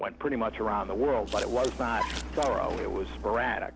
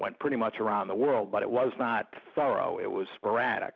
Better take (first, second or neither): second